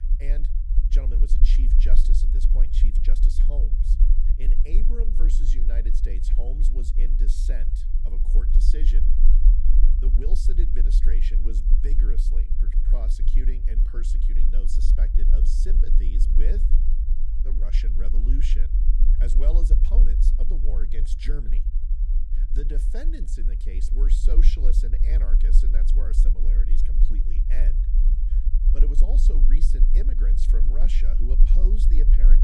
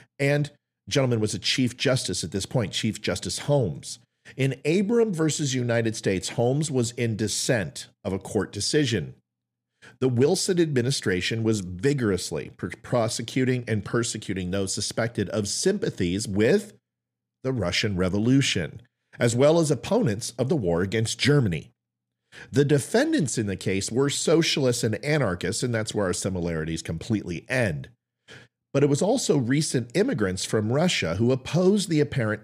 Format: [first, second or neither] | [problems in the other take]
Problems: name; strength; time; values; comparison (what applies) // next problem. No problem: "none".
second | low rumble; loud; throughout; 4 dB below the speech